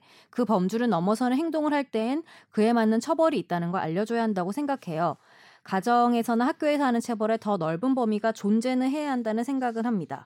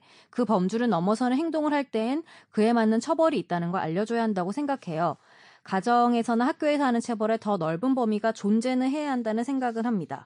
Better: first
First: none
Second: garbled, watery; slightly; nothing above 9 kHz

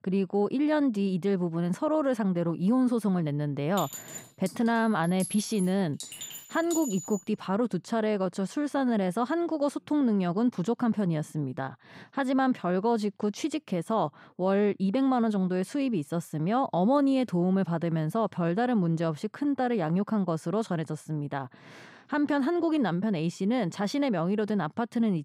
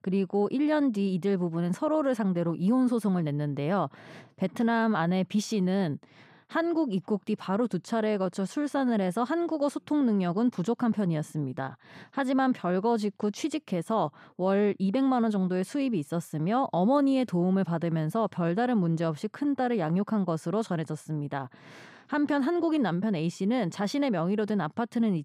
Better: second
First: clattering dishes; noticeable; from 4 to 7 s; peak 7 dB below the speech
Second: none

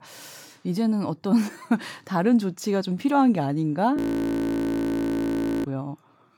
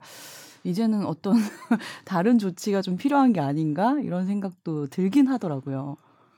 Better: second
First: audio freezing; at 4 s for 1.5 s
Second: none

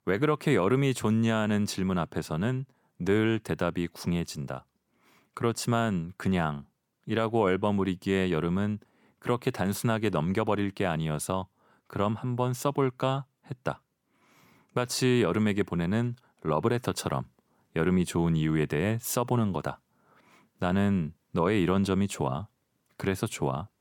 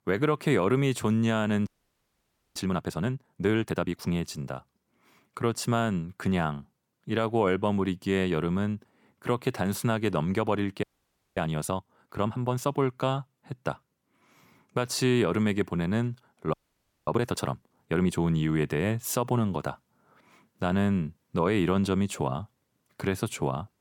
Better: first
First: none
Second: audio freezing; at 1.5 s for 1 s, at 11 s for 0.5 s and at 17 s for 0.5 s

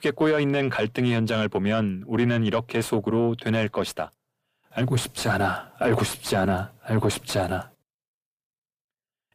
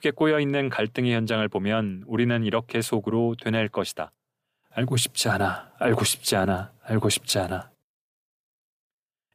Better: second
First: distortion; slight; 10 dB below the speech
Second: none

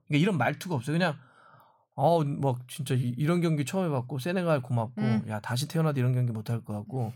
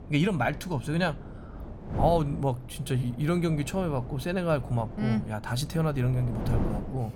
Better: first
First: none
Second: wind noise on the microphone; occasional gusts; 15 dB below the speech

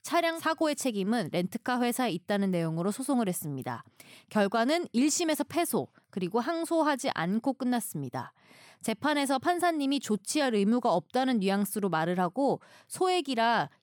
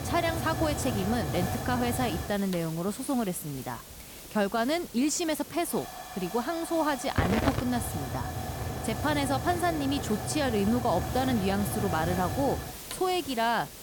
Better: first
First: none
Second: hiss; loud; throughout; 5 dB below the speech

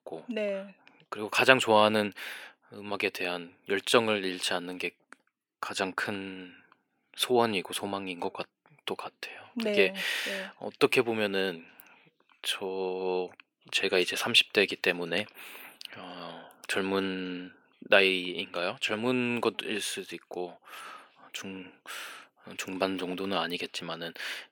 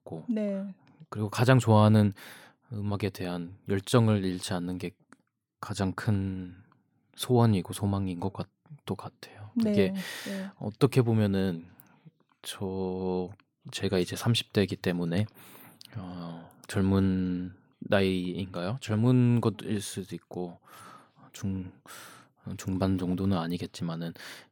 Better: second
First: thin; somewhat; fading below 450 Hz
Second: none

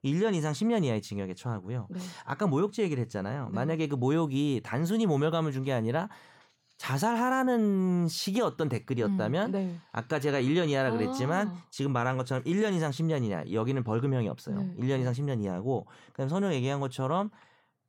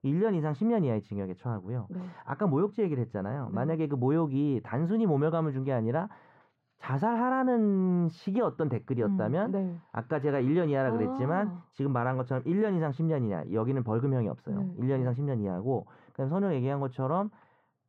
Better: first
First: none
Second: muffled; very; fading above 3.5 kHz

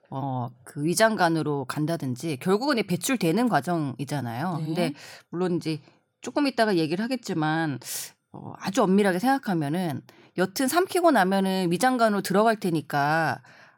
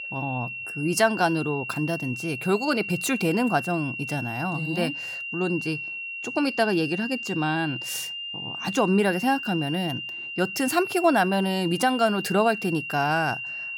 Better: first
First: none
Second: high-pitched whine; loud; throughout; 2.5 kHz, 6 dB below the speech

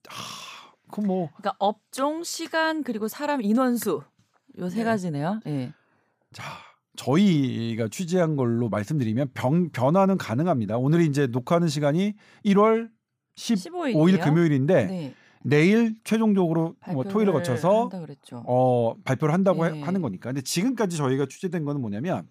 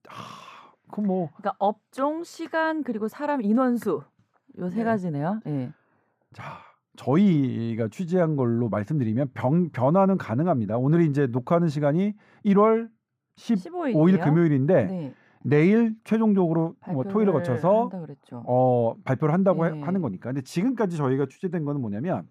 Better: first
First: none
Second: muffled; slightly; fading above 2.5 kHz

